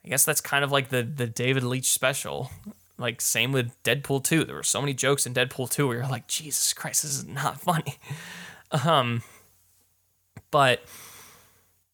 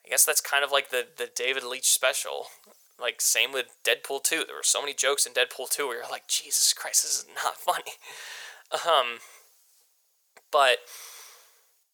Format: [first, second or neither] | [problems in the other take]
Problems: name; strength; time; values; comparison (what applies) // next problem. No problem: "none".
first | thin; very; fading below 500 Hz